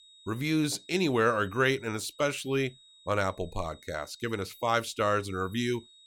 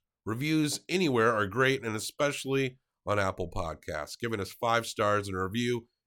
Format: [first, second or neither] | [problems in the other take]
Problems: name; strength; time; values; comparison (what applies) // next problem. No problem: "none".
second | high-pitched whine; faint; throughout; 4 kHz, 25 dB below the speech